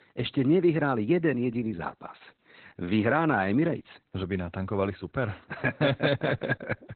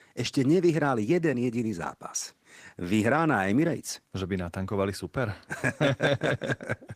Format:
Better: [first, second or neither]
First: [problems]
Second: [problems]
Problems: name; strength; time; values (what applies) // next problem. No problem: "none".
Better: second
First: garbled, watery; badly; nothing above 4 kHz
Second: garbled, watery; slightly; nothing above 15 kHz